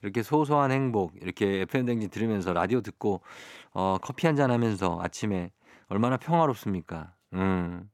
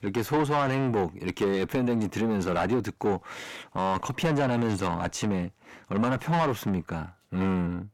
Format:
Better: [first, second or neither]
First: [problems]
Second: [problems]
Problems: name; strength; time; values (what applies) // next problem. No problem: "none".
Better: first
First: none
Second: distortion; heavy; 5 dB below the speech